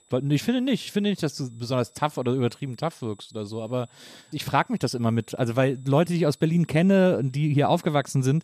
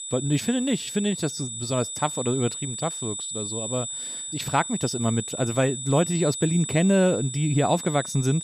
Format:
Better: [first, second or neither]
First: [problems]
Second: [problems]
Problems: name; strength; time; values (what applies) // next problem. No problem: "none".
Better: first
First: high-pitched whine; faint; throughout; 8 kHz, 35 dB below the speech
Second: high-pitched whine; loud; throughout; 8 kHz, 6 dB below the speech